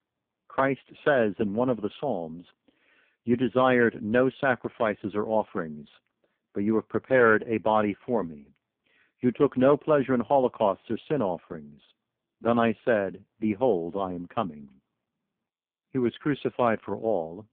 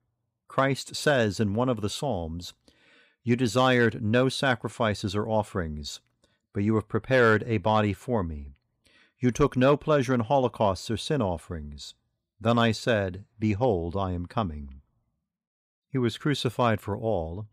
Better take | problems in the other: second | phone-call audio; poor line

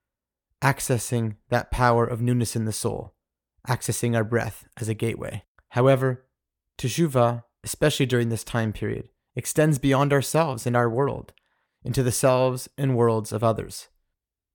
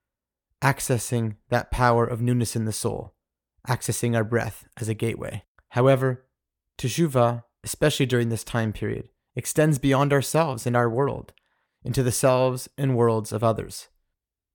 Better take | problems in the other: neither | none

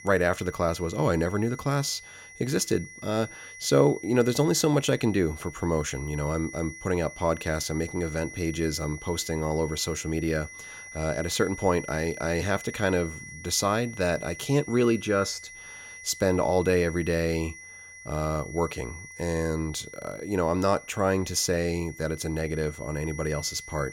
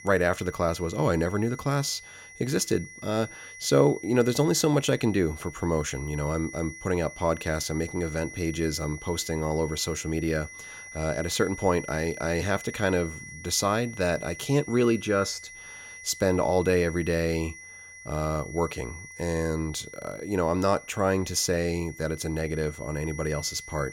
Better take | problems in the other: neither | high-pitched whine; noticeable; throughout; 2 kHz, 15 dB below the speech; the same in both

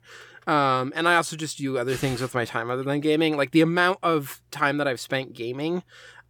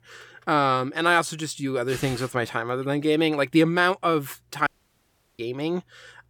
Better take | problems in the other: first | audio cutting out; at 4.5 s for 0.5 s

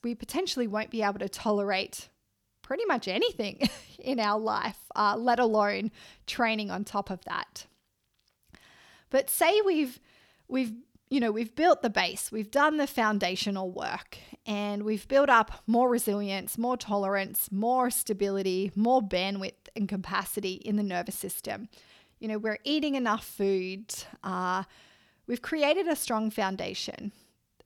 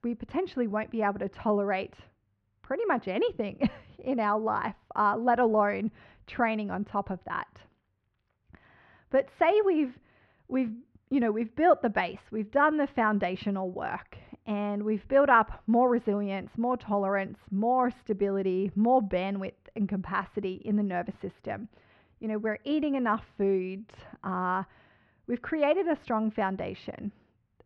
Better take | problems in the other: first | muffled; very; fading above 2 kHz

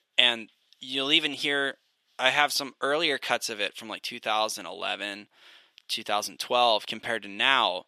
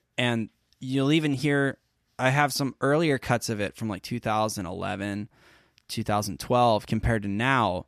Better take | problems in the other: second | thin; somewhat; fading below 450 Hz

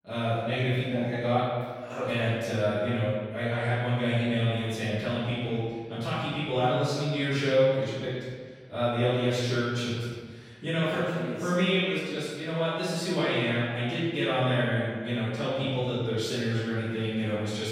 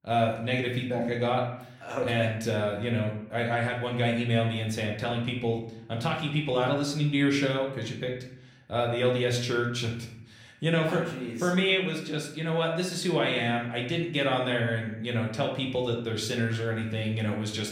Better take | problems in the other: second | room echo; strong; dies away in 1.5 s; slight in the second // off-mic speech; far; somewhat distant in the second

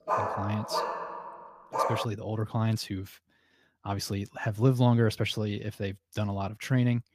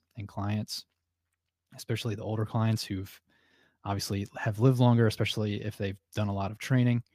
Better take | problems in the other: second | dog barking; loud; until 2 s; peak level with the speech

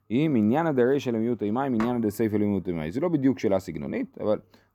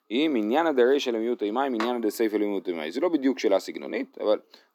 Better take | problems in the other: first | thin; very slightly; fading below 300 Hz

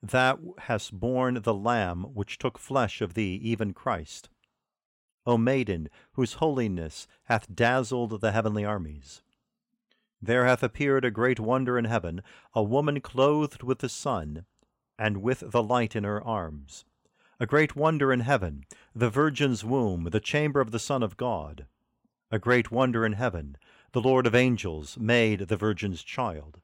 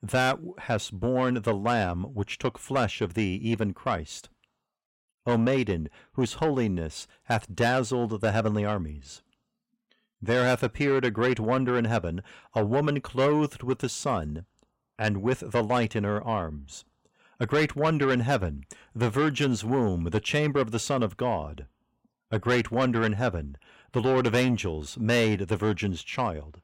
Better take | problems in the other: first | distortion; slight; 10 dB below the speech

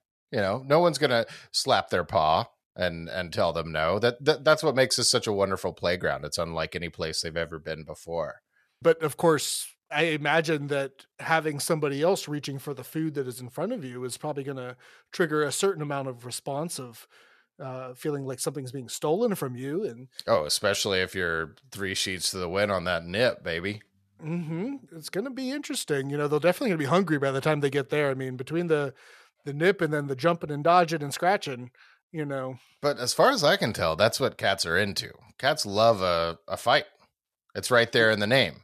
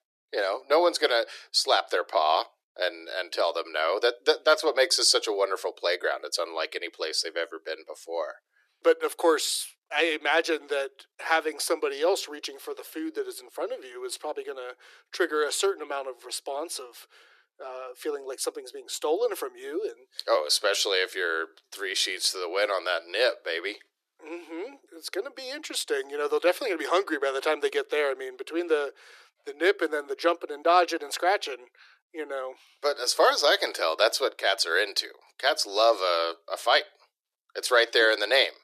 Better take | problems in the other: first | thin; very; fading below 350 Hz

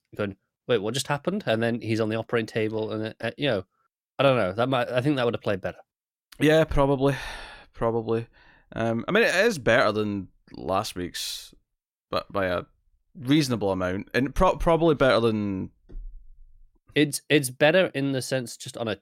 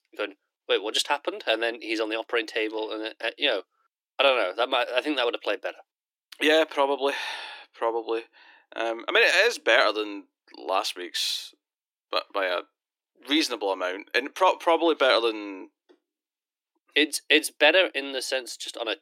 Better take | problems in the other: first | thin; somewhat; fading below 300 Hz

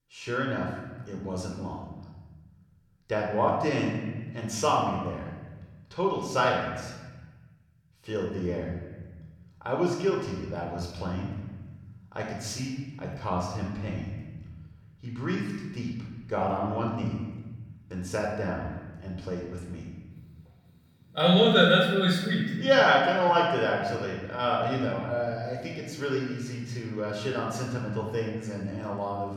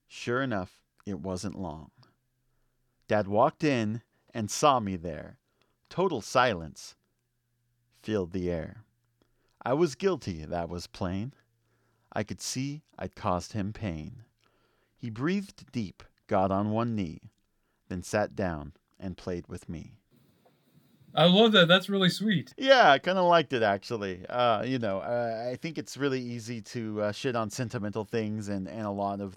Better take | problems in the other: second | off-mic speech; somewhat distant // room echo; noticeable; dies away in 1.4 s

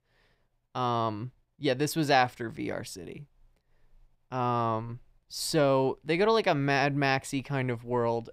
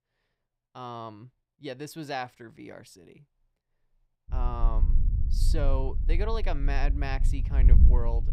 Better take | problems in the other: first | low rumble; loud; from 4.5 s on; 10 dB below the speech

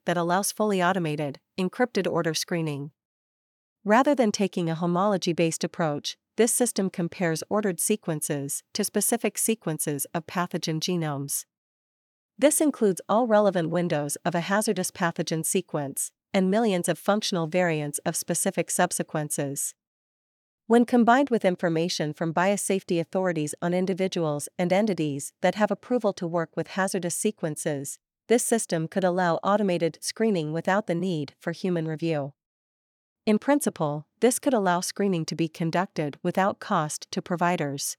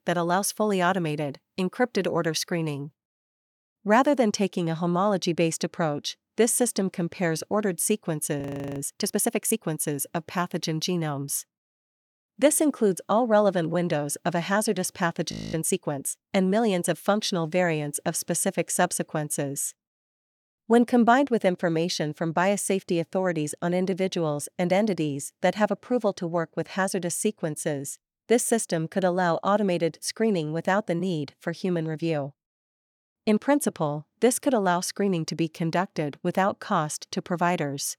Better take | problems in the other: first | audio freezing; at 8.5 s and at 15 s

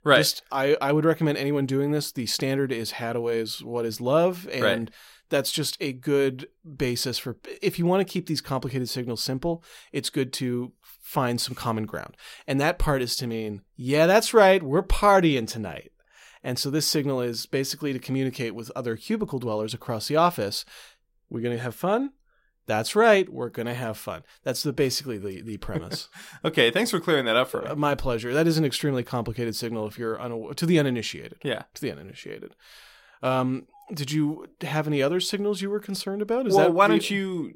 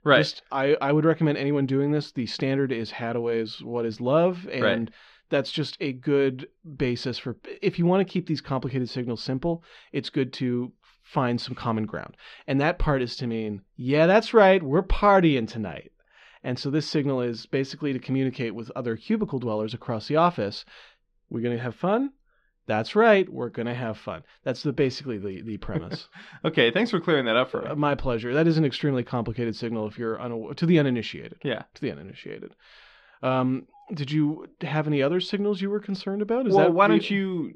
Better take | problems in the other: first | muffled; very slightly; fading above 4 kHz

